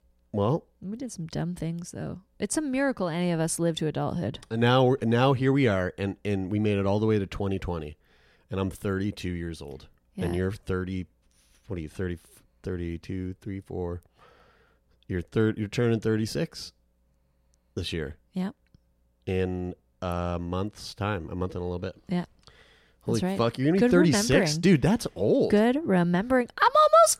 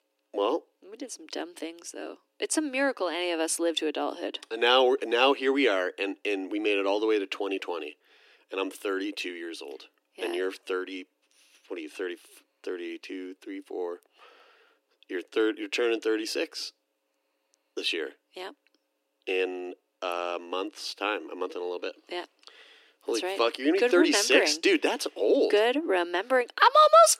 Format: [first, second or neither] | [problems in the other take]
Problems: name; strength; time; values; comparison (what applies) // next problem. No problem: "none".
first | thin; somewhat; fading below 300 Hz